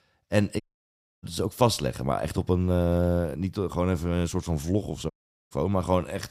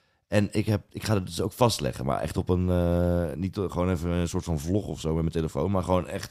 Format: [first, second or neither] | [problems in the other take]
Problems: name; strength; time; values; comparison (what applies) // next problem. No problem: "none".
second | audio cutting out; at 0.5 s for 0.5 s and at 5 s